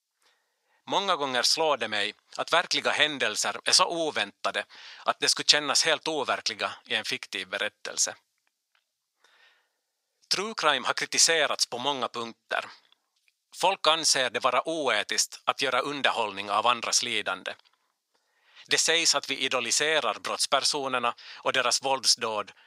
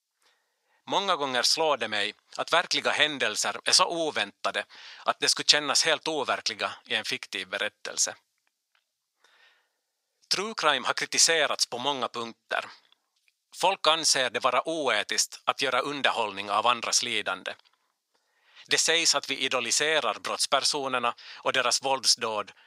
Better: neither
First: thin; very; fading below 650 Hz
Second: thin; very; fading below 650 Hz

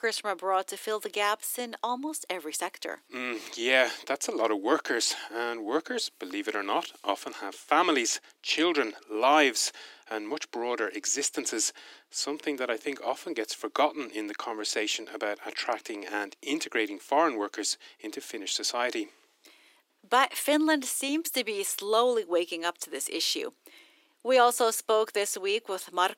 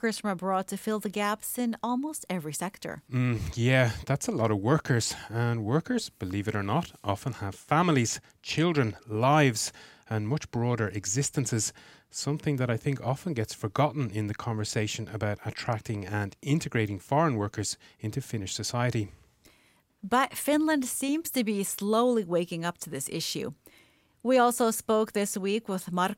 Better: second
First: thin; somewhat; fading below 300 Hz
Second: none

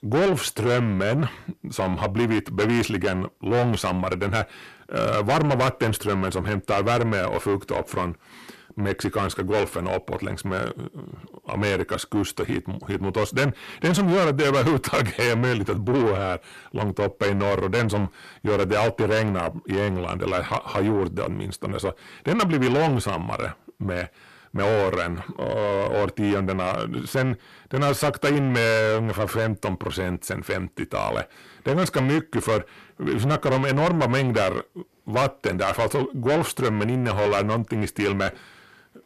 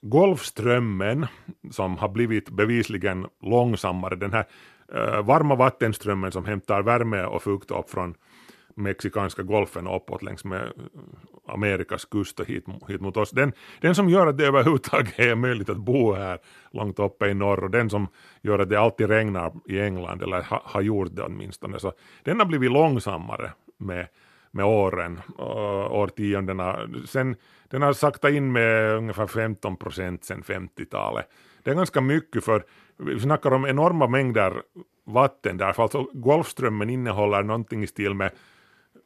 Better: second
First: distortion; heavy; 6 dB below the speech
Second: none

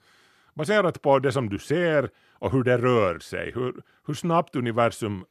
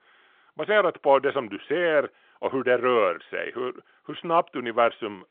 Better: first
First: none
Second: phone-call audio

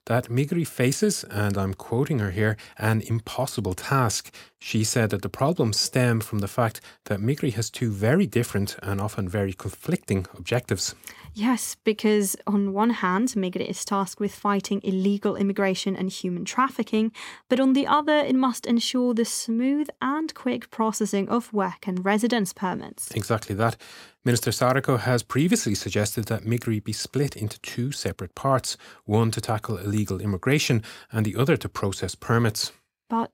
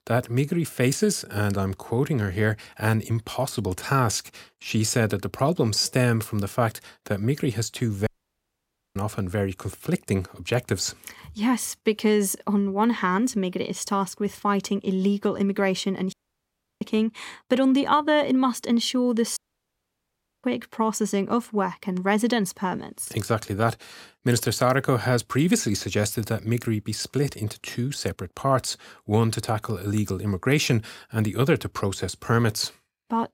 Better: first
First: none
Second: audio cutting out; at 8 s for 1 s, at 16 s for 0.5 s and at 19 s for 1 s

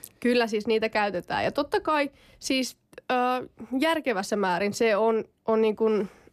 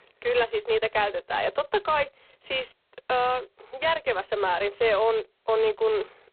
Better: first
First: none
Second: phone-call audio; poor line; nothing above 4 kHz

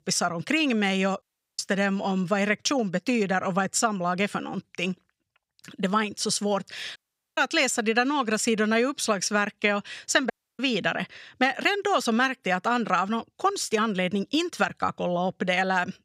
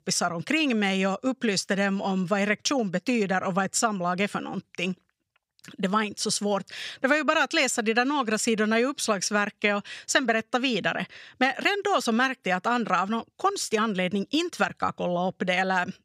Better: second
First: audio cutting out; at 1 s, at 7 s and at 10 s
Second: none

